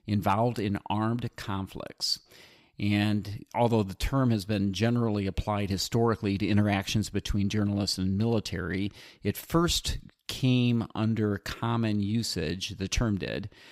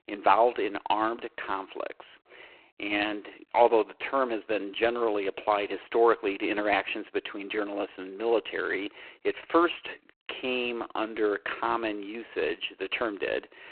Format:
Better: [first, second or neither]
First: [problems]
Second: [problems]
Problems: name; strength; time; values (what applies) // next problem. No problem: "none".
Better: first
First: none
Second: phone-call audio; poor line